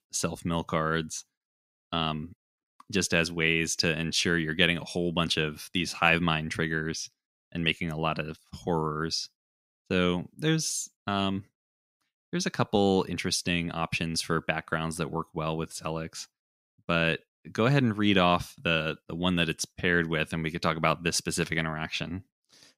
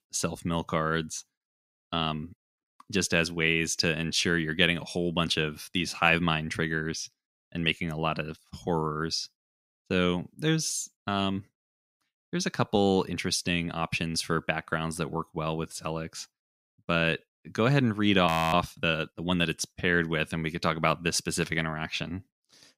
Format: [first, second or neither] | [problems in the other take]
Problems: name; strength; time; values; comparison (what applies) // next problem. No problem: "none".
first | audio freezing; at 18 s